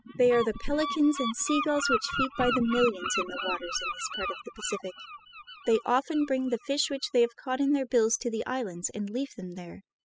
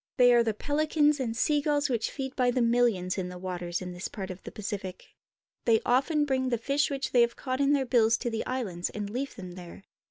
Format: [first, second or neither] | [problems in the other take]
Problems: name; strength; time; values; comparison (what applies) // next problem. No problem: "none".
second | noise reduction (classical method spectral subtraction)